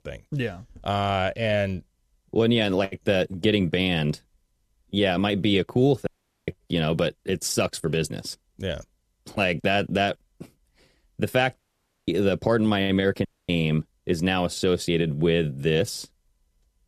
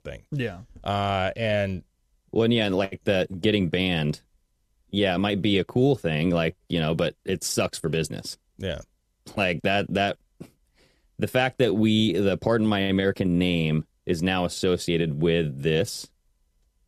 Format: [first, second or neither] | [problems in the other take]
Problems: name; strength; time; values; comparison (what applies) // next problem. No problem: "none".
second | audio cutting out; at 6 s, at 12 s and at 13 s